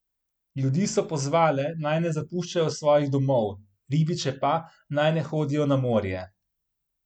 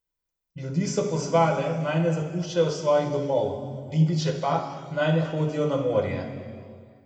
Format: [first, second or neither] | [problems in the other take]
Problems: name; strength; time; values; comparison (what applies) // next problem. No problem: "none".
first | room echo; dies away in 2.1 s